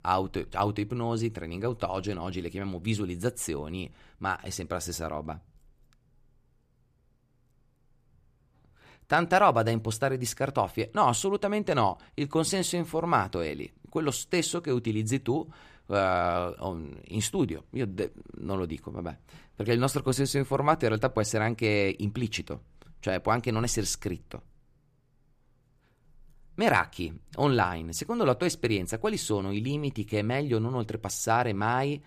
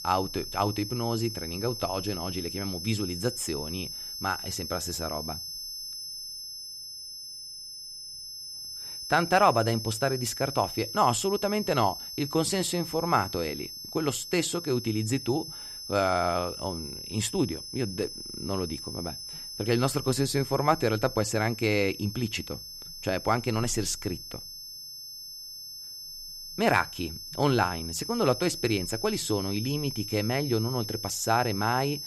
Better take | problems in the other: first | high-pitched whine; loud; throughout; 5 kHz, 8 dB below the speech

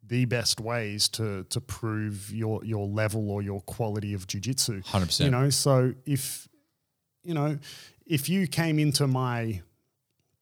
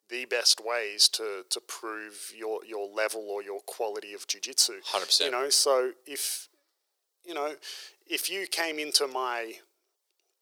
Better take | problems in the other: first | thin; very; fading below 400 Hz

